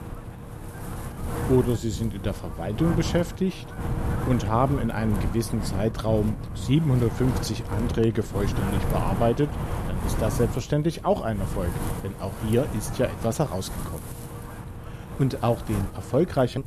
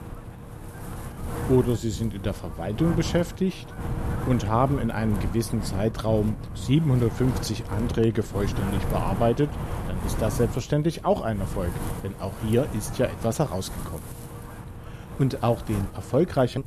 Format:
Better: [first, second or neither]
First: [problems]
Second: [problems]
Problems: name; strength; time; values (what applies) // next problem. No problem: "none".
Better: second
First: wind noise on the microphone; heavy; 8 dB below the speech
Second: wind noise on the microphone; occasional gusts; 10 dB below the speech